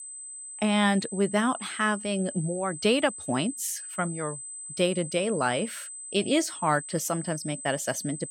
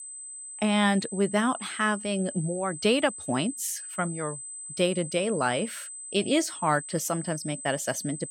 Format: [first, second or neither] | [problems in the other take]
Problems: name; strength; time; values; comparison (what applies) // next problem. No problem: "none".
neither | high-pitched whine; loud; throughout; 8 kHz, 10 dB below the speech; the same in both